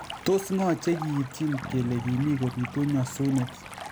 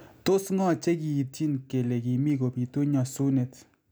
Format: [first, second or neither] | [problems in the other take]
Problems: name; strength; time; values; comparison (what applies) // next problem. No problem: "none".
second | background sound (Stream + Bass guitar); 12 dB below the speech